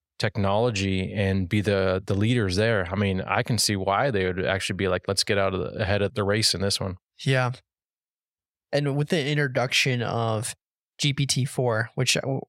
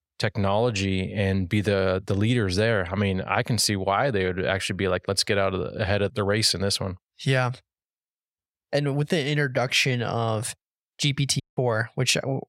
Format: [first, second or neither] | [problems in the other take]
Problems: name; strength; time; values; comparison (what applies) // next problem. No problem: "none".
first | audio cutting out; at 11 s